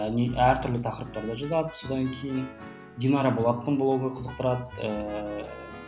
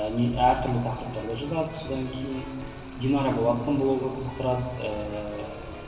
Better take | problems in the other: first | background sound (Stream); 15 dB below the speech // room echo; dies away in 2.8 s

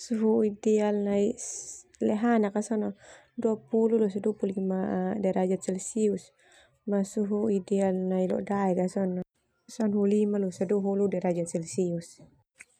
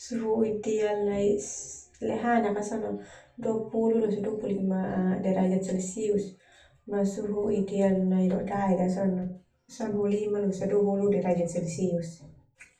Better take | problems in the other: first | room echo; dies away in 0.3 s

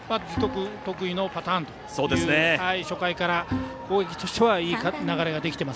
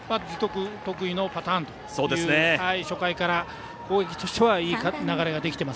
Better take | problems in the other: second | background sound (Bowed string instrument); 9 dB below the speech

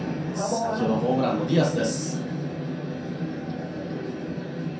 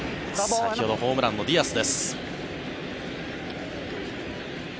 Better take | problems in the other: second | room echo; dies away in 0.6 s

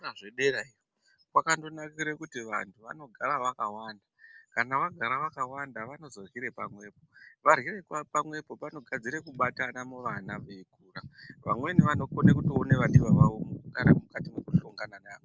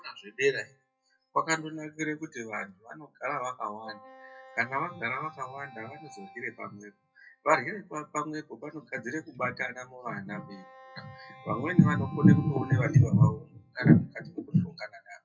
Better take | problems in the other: first | noise reduction (classical method WPE with log-MMSE)

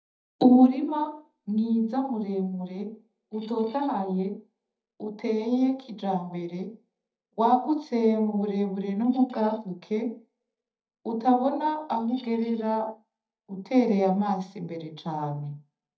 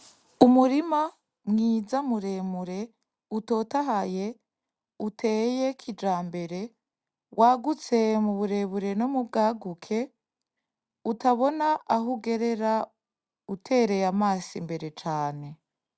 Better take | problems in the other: second | noise reduction (neural mask model DeepFilterNet 3)

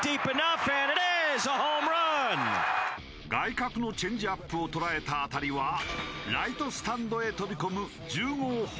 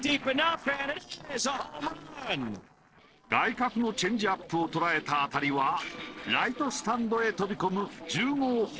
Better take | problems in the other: first | noise reduction (neural separator model SepFormer DNS4)

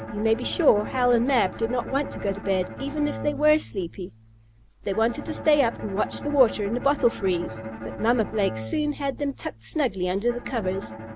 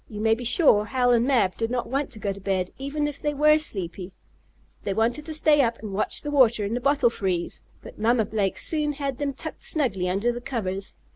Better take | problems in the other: second | background sound (Bowed string instrument); 11 dB below the speech

